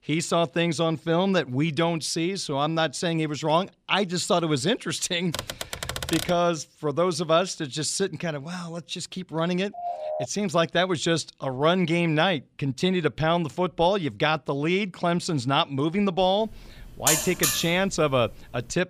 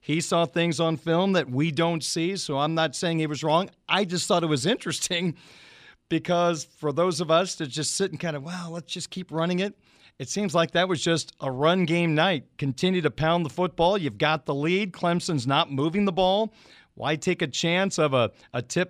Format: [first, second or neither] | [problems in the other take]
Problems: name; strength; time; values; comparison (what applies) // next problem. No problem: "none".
second | keyboard typing; noticeable; at 5.5 s; peak 5 dB below the speech // phone ringing; noticeable; at 9.5 s; peak 6 dB below the speech // alarm; loud; at 17 s; peak 3 dB above the speech